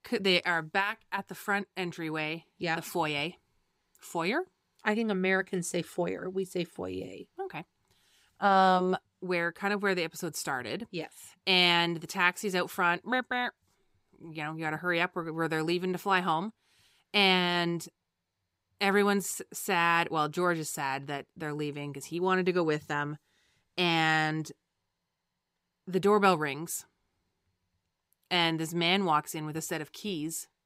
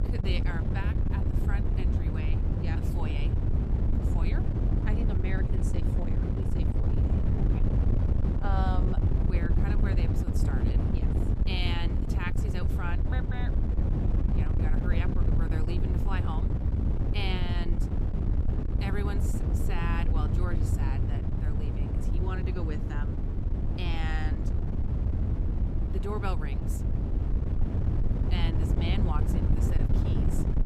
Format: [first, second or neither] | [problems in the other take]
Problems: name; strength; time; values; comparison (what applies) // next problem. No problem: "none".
first | wind noise on the microphone; heavy; 1 dB below the speech